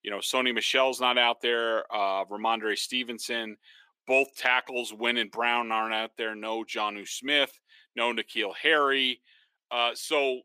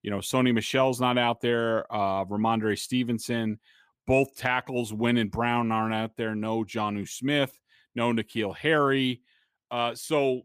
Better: second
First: thin; somewhat; fading below 350 Hz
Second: none

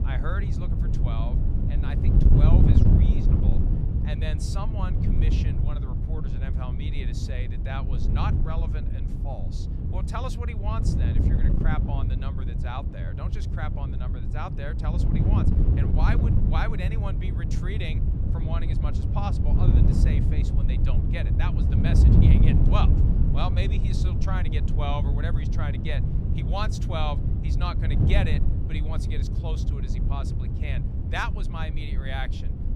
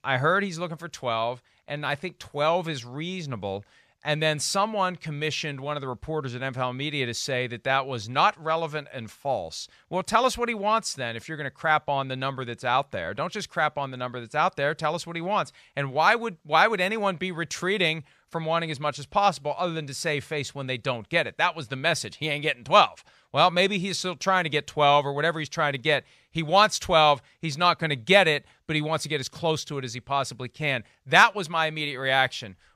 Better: second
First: wind noise on the microphone; heavy; 1 dB below the speech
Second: none

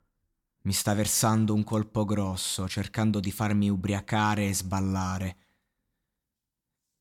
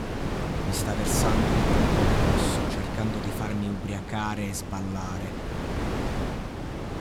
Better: first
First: none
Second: wind noise on the microphone; heavy; 3 dB above the speech

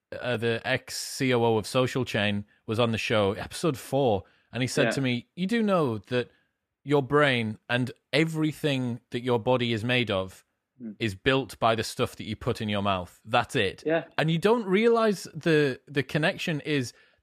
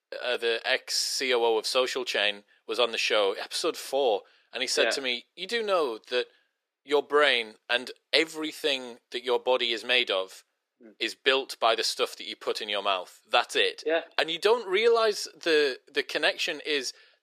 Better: first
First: none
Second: thin; very; fading below 400 Hz

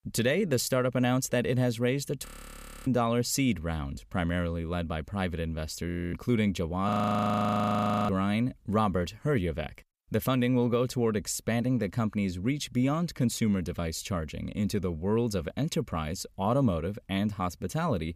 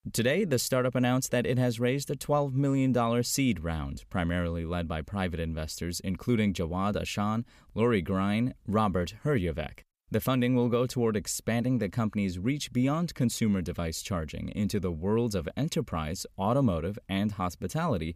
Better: second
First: audio freezing; at 2.5 s for 0.5 s, at 6 s and at 7 s for 1 s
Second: none

